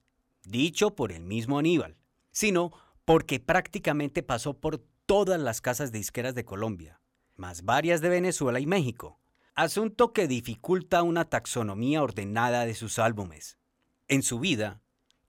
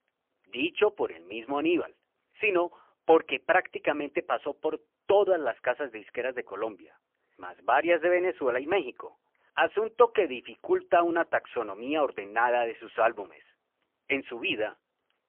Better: first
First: none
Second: phone-call audio; poor line; nothing above 3 kHz

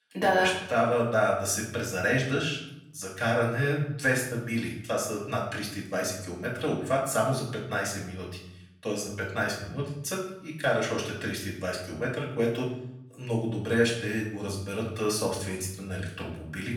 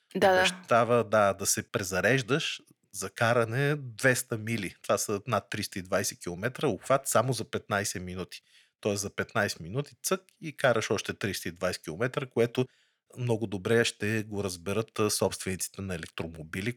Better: second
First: off-mic speech; far // room echo; noticeable; dies away in 0.7 s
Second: none

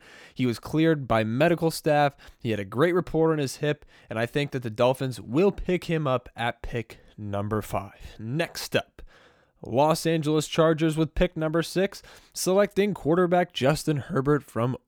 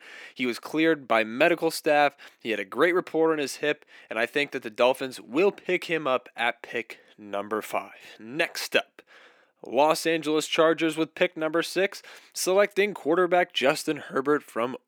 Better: first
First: none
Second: thin; somewhat; fading below 300 Hz

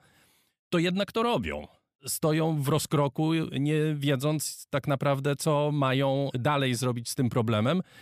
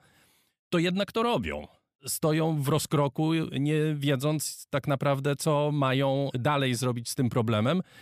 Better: neither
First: none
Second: none

